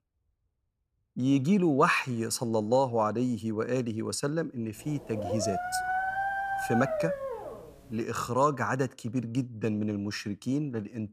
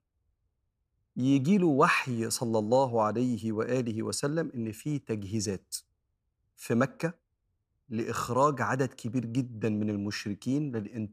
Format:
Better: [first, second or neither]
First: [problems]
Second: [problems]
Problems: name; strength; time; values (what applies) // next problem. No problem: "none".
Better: second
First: dog barking; noticeable; from 5 to 7.5 s; peak level with the speech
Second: none